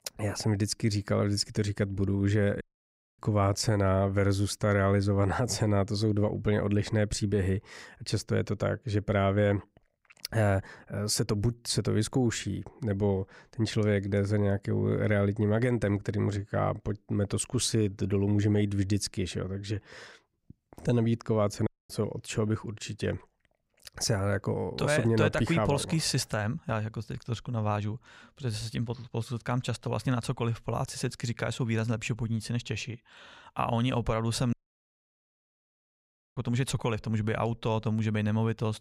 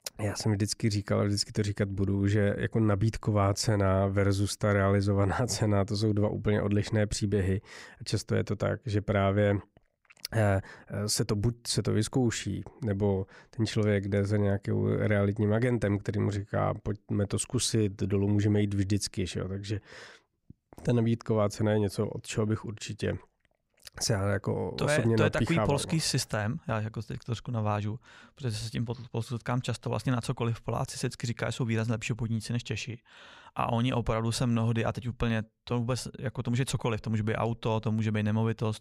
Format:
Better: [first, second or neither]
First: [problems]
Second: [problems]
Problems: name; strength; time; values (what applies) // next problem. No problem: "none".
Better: second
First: audio cutting out; at 2.5 s for 0.5 s, at 22 s and at 35 s for 2 s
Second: none